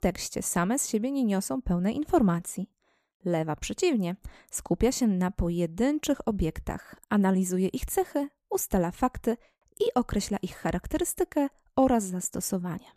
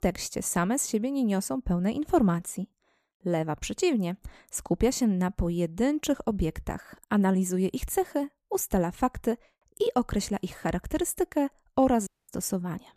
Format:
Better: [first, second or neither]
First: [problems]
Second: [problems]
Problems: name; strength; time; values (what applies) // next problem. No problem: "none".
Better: first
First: none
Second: audio cutting out; at 12 s